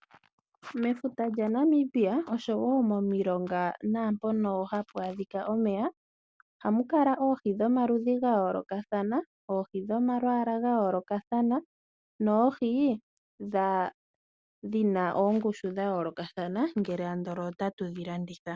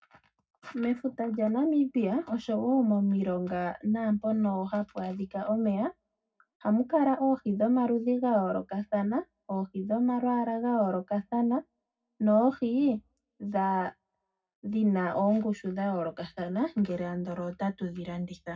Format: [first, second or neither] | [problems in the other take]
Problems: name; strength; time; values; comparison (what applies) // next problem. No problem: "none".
first | room echo; dies away in 0.4 s